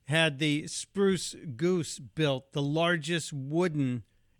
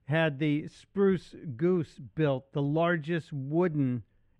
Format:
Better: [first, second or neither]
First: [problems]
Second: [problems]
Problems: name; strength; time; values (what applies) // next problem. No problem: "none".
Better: first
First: none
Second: muffled; very; fading above 3.5 kHz